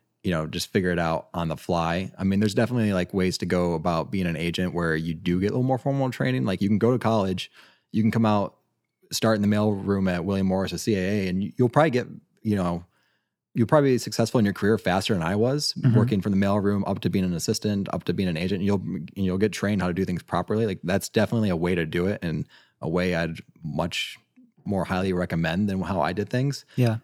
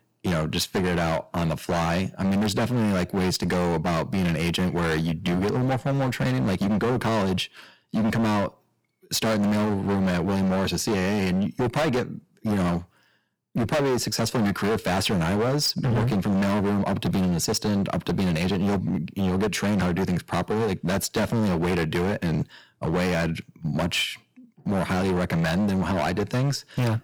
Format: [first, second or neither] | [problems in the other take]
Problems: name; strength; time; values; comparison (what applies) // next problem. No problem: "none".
first | distortion; heavy; 26% of the sound clipped